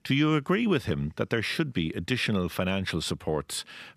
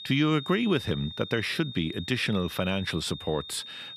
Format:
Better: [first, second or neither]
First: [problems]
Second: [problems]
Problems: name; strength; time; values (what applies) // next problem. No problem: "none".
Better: first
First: none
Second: high-pitched whine; noticeable; throughout; 3.5 kHz, 10 dB below the speech